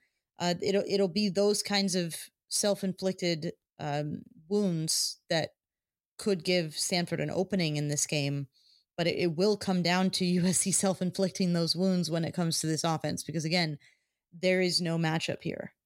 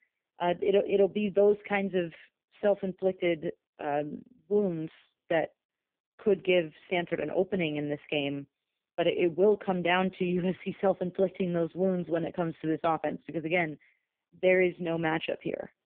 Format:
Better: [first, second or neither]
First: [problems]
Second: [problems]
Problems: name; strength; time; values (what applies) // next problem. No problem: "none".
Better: first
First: none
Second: phone-call audio; poor line